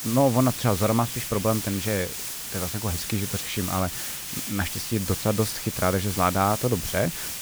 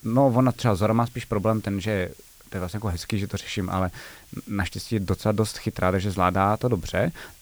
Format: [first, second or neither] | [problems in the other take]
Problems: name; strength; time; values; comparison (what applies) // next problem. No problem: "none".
second | hiss; loud; throughout; 4 dB below the speech; faint in the second